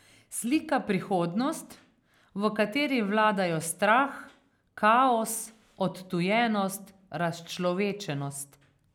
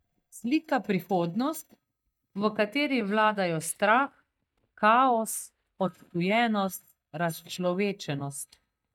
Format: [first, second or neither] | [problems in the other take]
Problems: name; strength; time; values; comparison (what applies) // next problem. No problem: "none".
first | noise reduction (neural mask model DeepFilterNet 3)